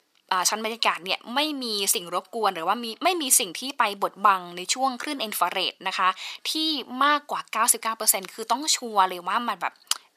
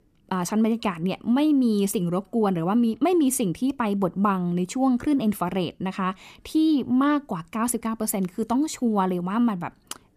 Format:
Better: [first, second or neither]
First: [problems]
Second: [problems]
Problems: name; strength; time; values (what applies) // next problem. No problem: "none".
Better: second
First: thin; very; fading below 900 Hz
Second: none